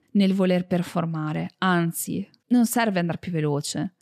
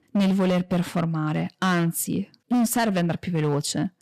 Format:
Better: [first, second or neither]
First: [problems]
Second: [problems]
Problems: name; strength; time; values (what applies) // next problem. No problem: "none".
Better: first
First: none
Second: distortion; slight; 13% of the sound clipped